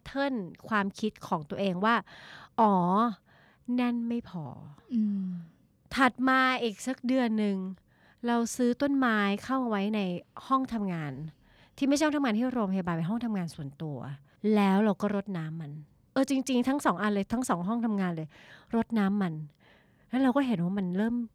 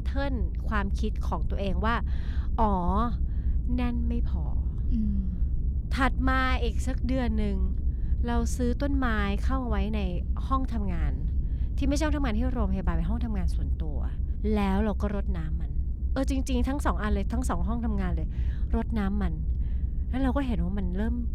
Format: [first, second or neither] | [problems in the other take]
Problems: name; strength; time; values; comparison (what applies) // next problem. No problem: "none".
first | low rumble; noticeable; throughout; 15 dB below the speech